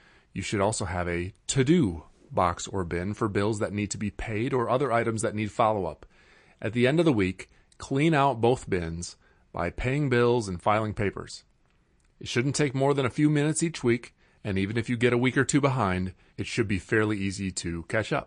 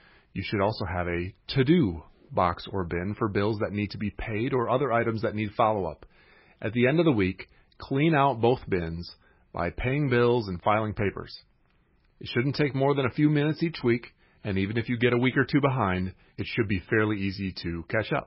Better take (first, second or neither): first